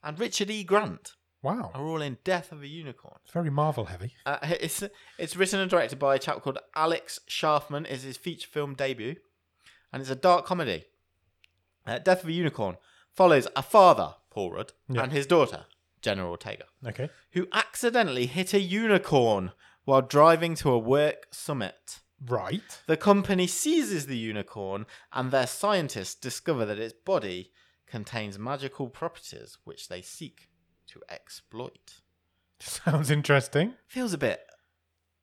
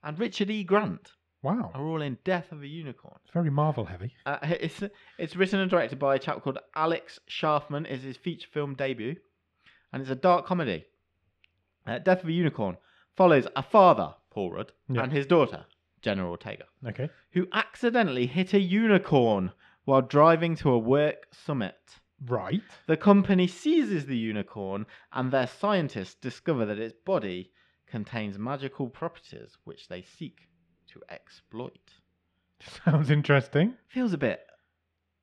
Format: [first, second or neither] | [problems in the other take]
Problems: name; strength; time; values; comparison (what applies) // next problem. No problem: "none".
first | muffled; slightly; fading above 3 kHz